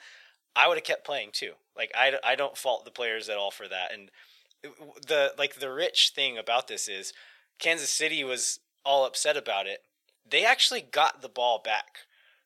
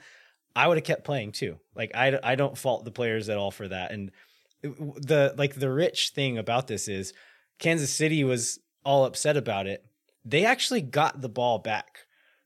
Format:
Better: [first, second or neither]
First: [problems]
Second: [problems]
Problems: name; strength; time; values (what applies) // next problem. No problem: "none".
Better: second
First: thin; very; fading below 700 Hz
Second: none